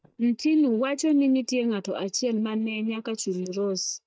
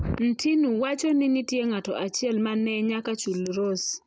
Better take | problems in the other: second | noise reduction (neural mask model DeepFilterNet 3)

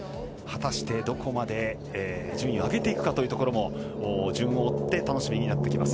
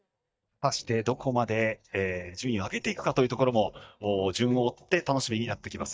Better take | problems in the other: first | noise reduction (neural mask model DeepFilterNet 3)

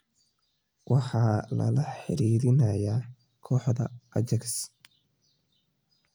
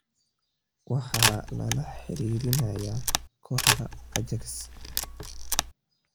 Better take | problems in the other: first | background sound (Camera); 2 dB above the speech

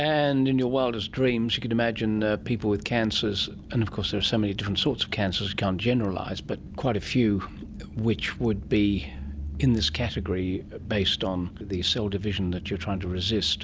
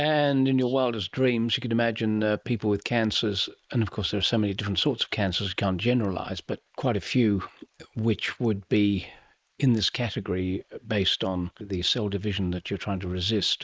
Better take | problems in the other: first | noise reduction (neural mask model Resemble Enhance denoiser)

